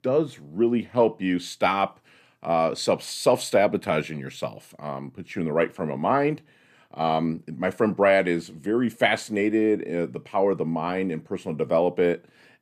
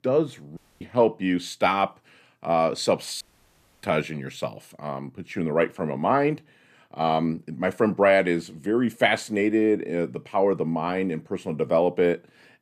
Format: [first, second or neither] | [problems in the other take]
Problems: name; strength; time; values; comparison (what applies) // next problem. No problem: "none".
first | audio cutting out; at 0.5 s and at 3 s for 0.5 s